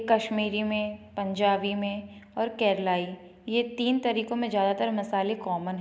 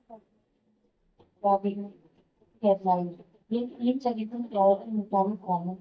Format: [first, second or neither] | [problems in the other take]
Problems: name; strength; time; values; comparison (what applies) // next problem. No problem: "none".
first | noise reduction (neural mask model DeepFilterNet 3)